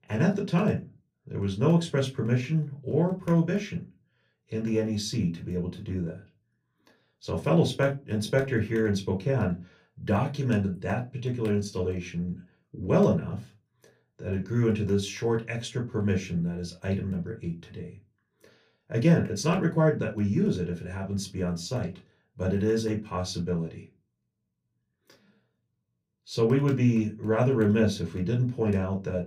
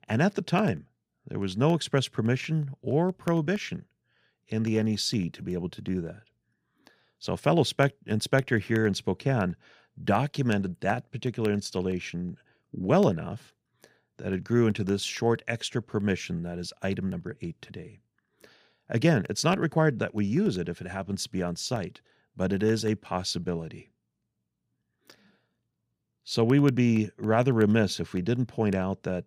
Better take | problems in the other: second | off-mic speech; somewhat distant // room echo; very slight; dies away in 0.2 s

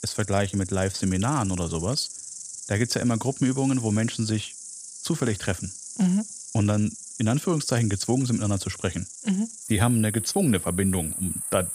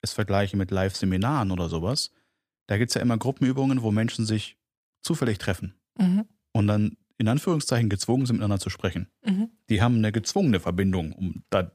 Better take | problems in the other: second | animal sounds; loud; throughout; 8 dB below the speech

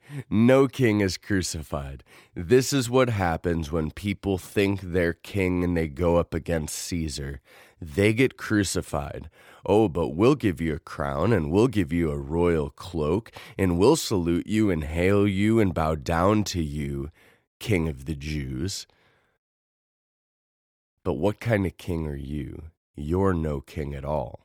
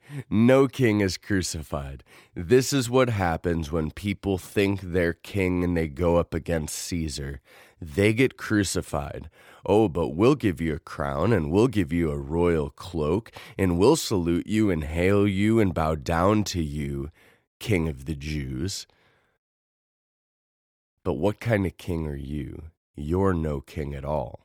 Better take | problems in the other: neither | none

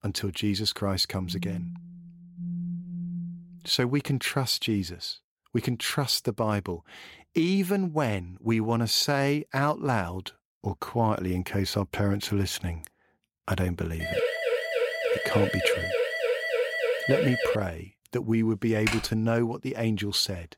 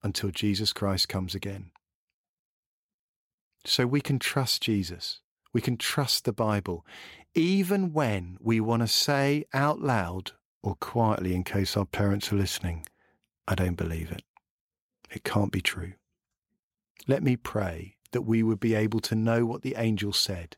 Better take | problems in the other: second | phone ringing; noticeable; from 1 to 3.5 s; peak 6 dB below the speech // siren; loud; from 14 to 18 s; peak 1 dB above the speech // keyboard typing; noticeable; at 19 s; peak 3 dB below the speech

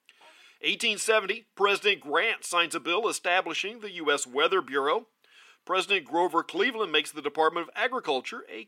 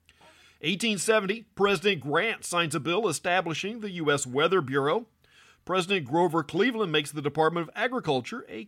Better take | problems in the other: second | thin; somewhat; fading below 300 Hz

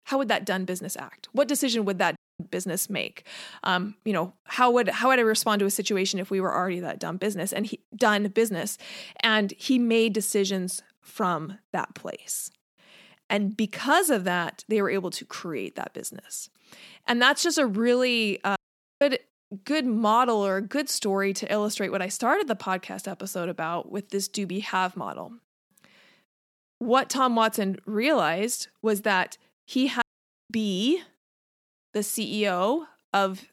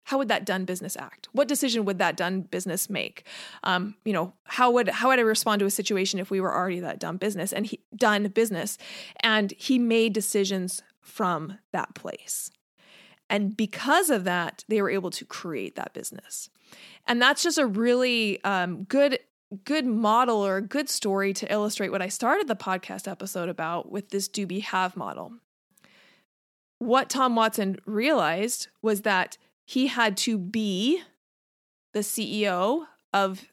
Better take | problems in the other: second | audio cutting out; at 2 s, at 19 s and at 30 s

